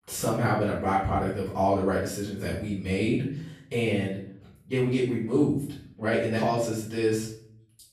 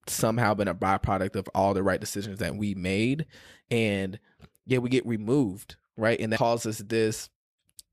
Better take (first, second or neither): second